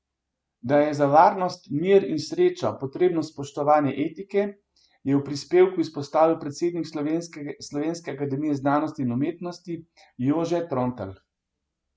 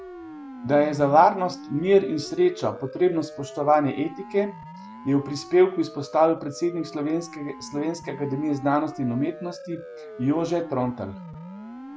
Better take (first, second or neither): first